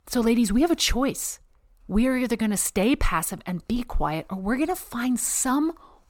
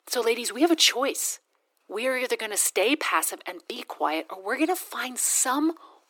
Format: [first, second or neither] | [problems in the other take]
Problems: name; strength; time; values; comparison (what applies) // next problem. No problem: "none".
first | thin; somewhat; fading below 300 Hz